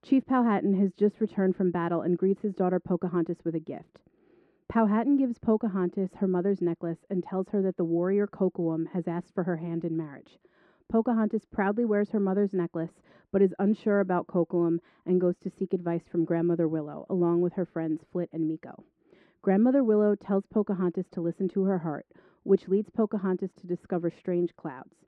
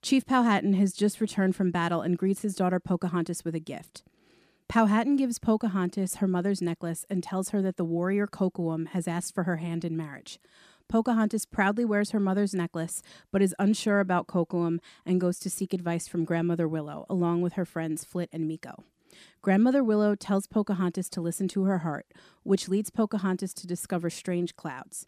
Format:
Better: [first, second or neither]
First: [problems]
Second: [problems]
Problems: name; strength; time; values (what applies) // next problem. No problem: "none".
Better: second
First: muffled; very; fading above 1.5 kHz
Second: none